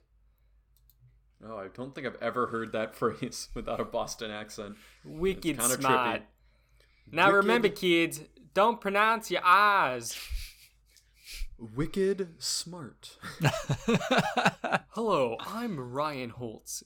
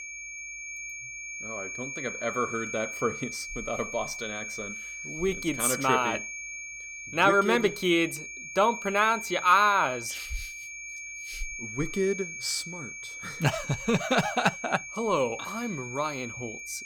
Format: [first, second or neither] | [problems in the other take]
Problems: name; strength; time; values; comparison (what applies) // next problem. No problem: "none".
first | high-pitched whine; loud; throughout; 2.5 kHz, 9 dB below the speech